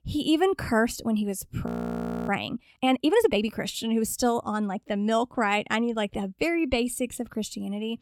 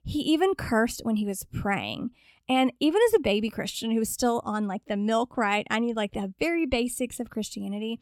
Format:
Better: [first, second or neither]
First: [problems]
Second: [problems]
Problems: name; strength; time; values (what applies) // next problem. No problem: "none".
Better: second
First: audio freezing; at 1.5 s for 0.5 s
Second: none